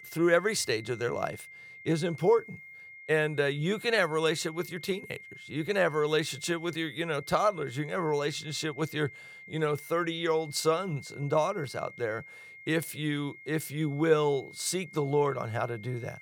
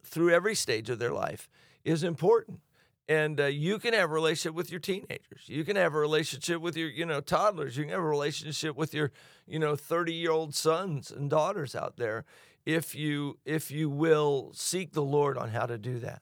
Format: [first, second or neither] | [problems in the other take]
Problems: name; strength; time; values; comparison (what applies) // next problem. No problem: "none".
second | high-pitched whine; noticeable; throughout; 2 kHz, 15 dB below the speech